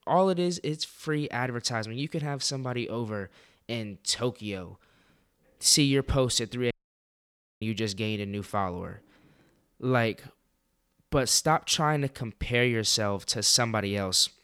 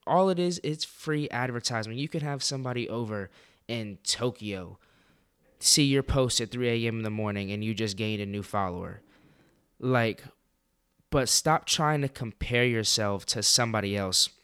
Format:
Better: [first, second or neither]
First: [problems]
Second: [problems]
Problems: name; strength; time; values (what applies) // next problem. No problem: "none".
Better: second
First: audio cutting out; at 6.5 s for 1 s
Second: none